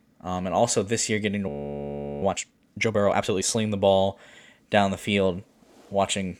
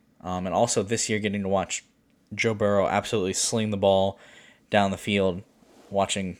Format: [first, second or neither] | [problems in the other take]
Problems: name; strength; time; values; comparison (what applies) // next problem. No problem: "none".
second | audio freezing; at 1.5 s for 0.5 s